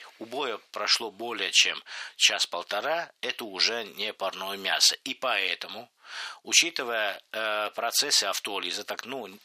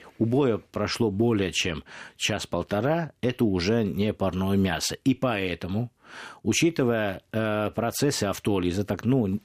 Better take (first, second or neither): second